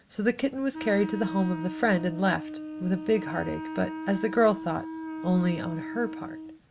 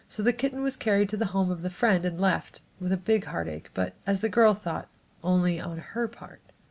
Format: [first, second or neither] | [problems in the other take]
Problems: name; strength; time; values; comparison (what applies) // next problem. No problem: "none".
second | background sound (Wind instrument, woodwind instrument); 9 dB below the speech